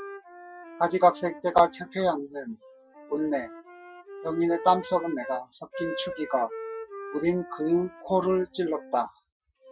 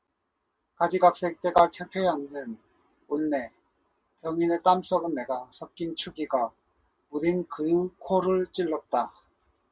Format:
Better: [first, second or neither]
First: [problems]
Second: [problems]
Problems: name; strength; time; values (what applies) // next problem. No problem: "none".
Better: second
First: noise reduction (classical method Wiener filter)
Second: none